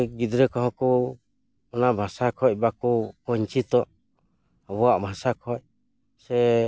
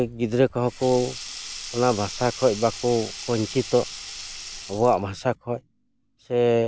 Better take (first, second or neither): first